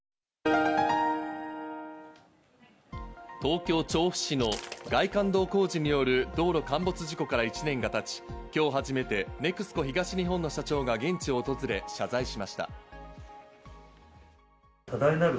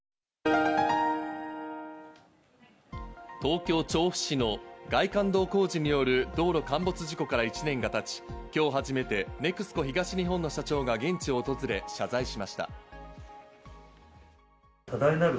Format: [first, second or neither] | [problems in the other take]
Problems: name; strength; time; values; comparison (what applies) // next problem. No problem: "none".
second | background sound (Shatter); 14 dB below the speech